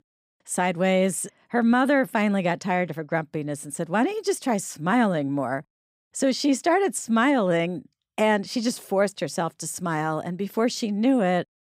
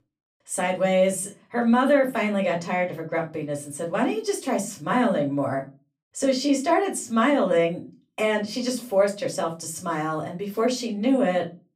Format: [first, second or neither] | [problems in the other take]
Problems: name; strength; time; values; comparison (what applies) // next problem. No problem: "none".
first | off-mic speech; far // room echo; very slight; dies away in 0.2 s